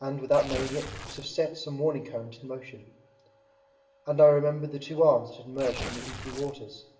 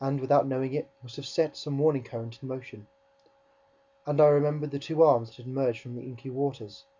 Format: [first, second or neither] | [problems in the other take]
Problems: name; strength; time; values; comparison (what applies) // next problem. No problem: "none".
second | background sound (Tearing); 11 dB below the speech // room echo; dies away in 0.8 s